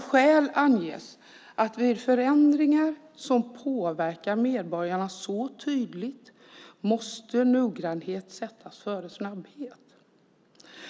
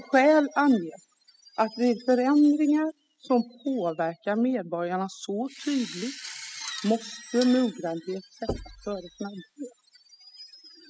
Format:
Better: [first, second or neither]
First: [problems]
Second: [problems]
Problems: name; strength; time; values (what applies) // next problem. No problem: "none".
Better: first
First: none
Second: noise reduction (classical method spectral subtraction)